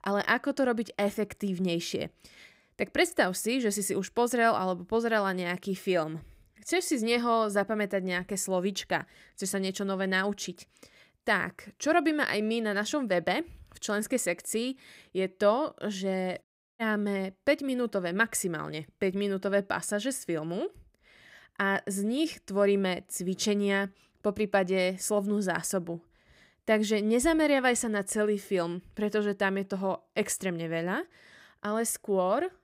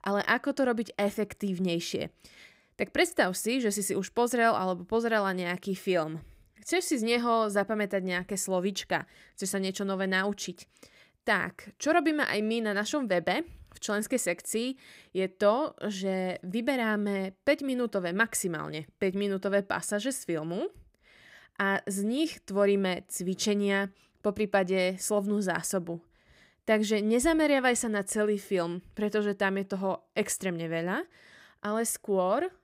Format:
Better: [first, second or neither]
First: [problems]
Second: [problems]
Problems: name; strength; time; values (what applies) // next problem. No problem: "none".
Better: second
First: audio cutting out; at 16 s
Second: none